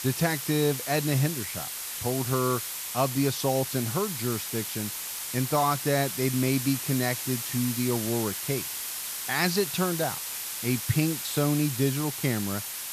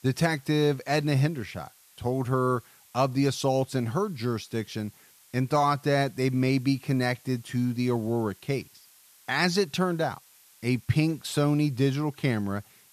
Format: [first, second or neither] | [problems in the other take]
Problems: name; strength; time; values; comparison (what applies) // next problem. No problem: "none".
second | hiss; loud; throughout; 4 dB below the speech; faint in the second